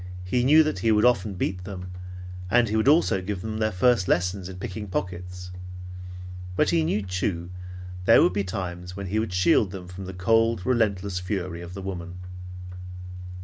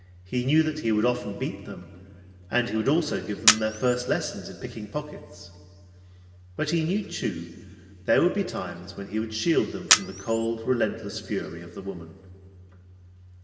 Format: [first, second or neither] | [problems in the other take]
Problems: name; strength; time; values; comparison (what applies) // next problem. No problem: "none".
first | background sound (Camera); as loud as the speech // room echo; dies away in 2.8 s